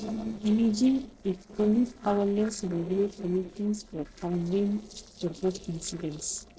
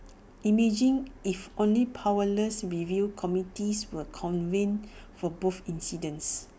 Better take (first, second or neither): second